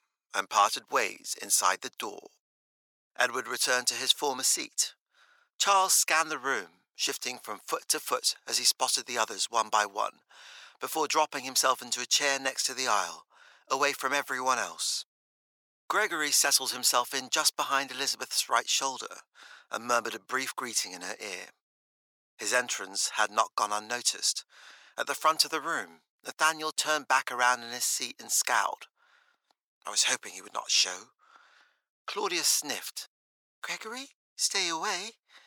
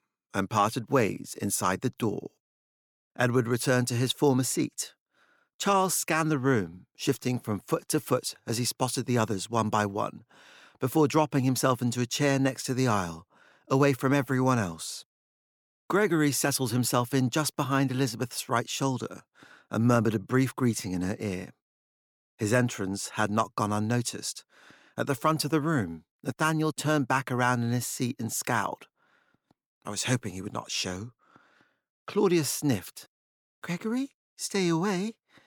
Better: second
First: thin; very; fading below 800 Hz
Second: none

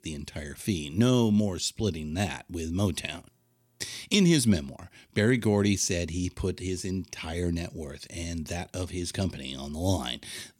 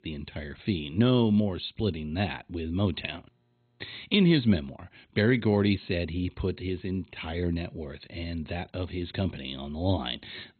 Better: first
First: none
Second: garbled, watery; badly; nothing above 4 kHz

